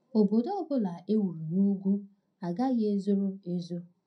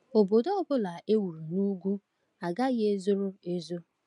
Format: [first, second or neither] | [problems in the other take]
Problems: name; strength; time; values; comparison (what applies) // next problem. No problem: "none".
second | room echo; dies away in 0.2 s